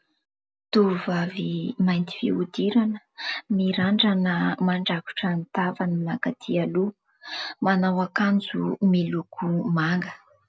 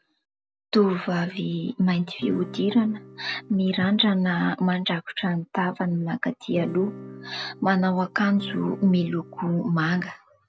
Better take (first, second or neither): first